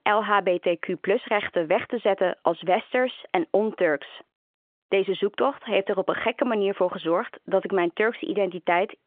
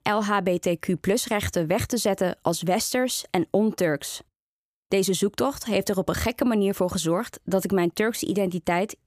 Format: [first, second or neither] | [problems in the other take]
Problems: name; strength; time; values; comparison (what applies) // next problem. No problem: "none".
second | phone-call audio